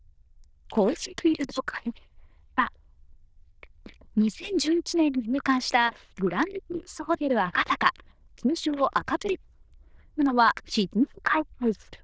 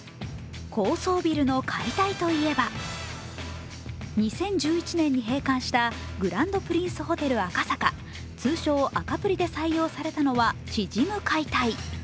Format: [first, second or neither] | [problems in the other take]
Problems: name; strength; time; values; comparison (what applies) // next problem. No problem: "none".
second | noise reduction (neural diffusion model UNIVERSE++)